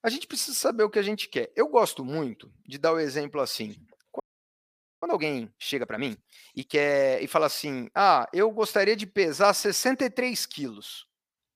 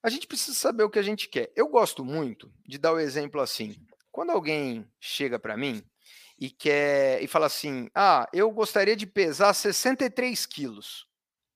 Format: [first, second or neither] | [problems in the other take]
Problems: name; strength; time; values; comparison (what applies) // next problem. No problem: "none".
second | audio freezing; at 4 s for 1 s